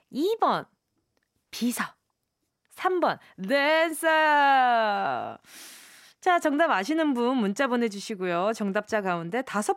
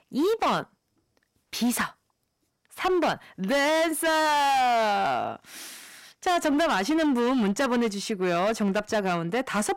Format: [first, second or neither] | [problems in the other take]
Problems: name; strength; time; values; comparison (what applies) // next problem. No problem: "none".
first | distortion; heavy; 18% of the sound clipped